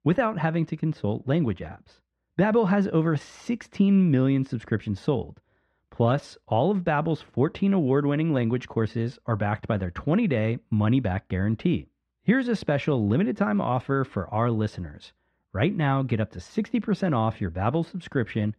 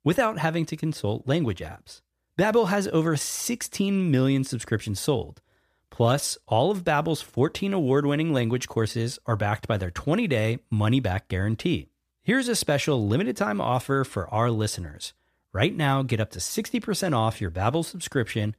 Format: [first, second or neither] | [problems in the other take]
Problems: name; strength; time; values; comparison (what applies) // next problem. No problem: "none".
second | muffled; slightly; fading above 2.5 kHz